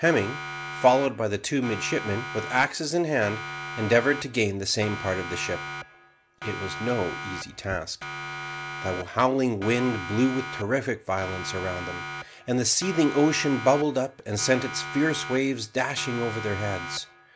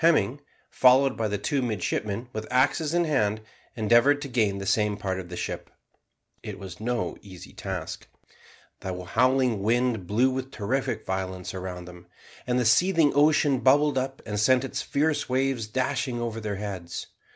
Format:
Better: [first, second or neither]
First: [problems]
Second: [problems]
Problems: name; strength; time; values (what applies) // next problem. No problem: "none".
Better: second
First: background sound (Siren); 10 dB below the speech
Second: none